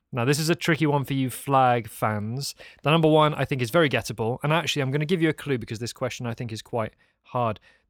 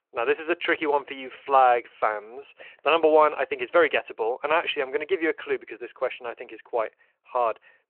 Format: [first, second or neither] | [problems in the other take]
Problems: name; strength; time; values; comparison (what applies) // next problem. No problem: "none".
first | phone-call audio